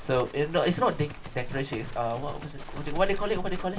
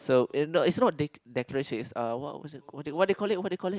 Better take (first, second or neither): second